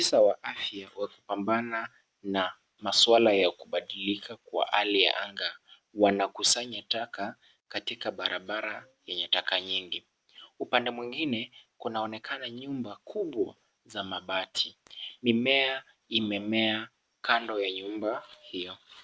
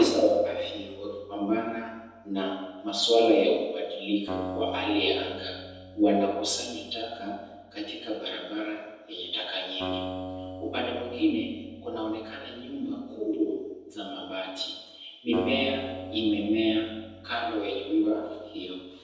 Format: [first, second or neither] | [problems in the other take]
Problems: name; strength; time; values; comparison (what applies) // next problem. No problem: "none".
first | background sound (Acoustic guitar); 13 dB below the speech // room echo; dies away in 1.1 s